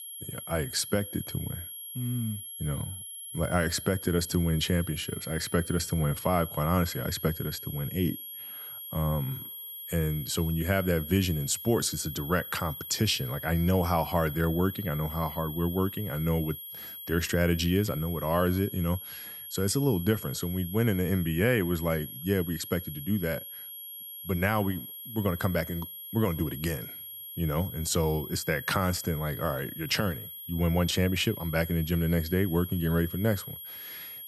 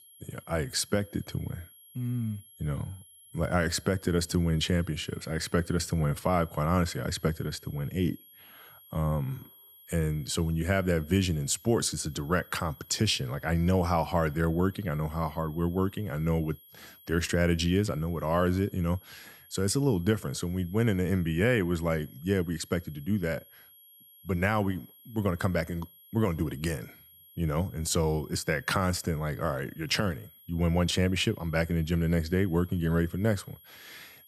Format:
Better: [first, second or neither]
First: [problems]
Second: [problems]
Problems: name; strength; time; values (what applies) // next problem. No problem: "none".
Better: second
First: high-pitched whine; loud; throughout; 11.5 kHz, 9 dB below the speech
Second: high-pitched whine; faint; throughout; 11.5 kHz, 25 dB below the speech